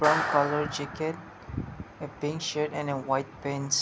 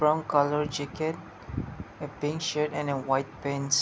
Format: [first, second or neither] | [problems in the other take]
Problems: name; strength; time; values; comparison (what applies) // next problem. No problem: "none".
second | background sound (Clapping); 6 dB below the speech